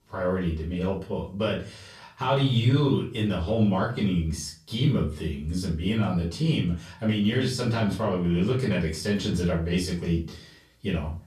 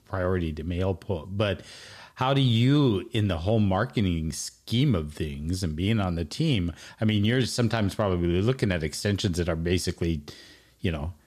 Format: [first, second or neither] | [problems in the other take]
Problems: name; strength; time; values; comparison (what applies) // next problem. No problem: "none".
second | off-mic speech; far // room echo; slight; dies away in 0.3 s